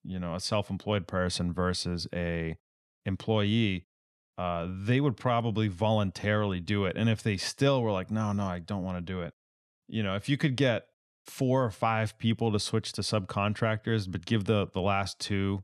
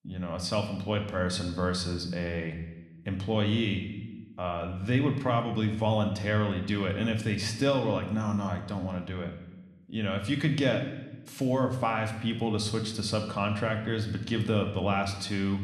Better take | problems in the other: first | room echo; slight; dies away in 0.9 s

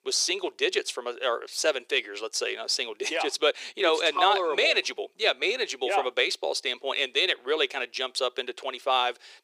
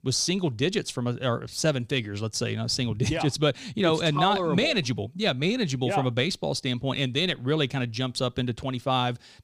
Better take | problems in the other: second | thin; very; fading below 400 Hz

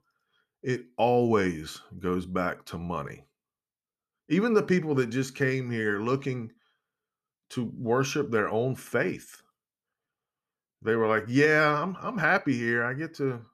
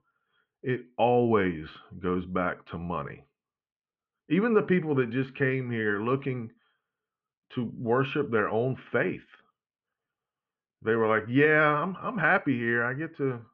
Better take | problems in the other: first | muffled; very; fading above 3 kHz

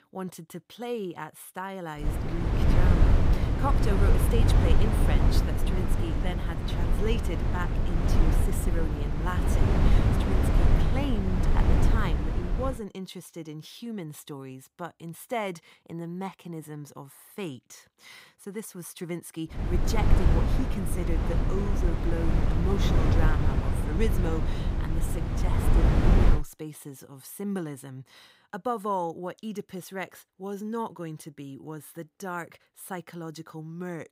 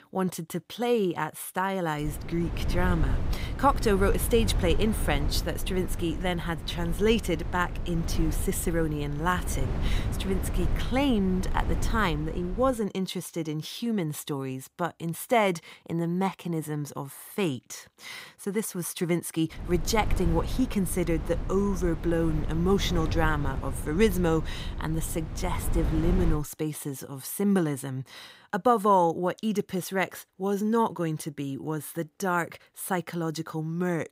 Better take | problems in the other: second | wind noise on the microphone; heavy; from 2 to 13 s and from 20 to 26 s; 2 dB above the speech; occasional gusts in the second

